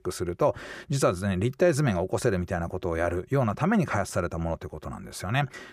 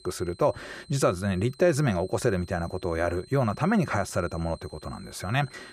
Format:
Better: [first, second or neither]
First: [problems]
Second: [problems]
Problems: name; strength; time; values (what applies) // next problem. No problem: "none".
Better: first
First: none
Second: high-pitched whine; faint; throughout; 4 kHz, 25 dB below the speech